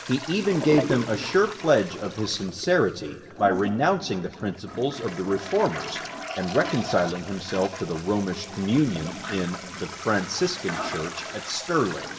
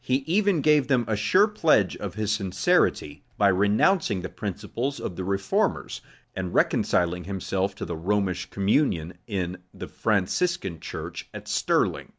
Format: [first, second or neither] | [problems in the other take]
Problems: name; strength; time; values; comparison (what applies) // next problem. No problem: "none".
second | background sound (Toilet flush); 10 dB below the speech // room echo; dies away in 1.6 s